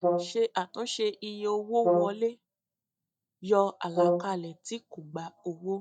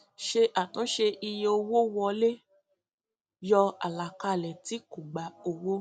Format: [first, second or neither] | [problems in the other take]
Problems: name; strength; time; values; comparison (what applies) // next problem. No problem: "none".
second | noise reduction (neural mask model DeepFilterNet 3)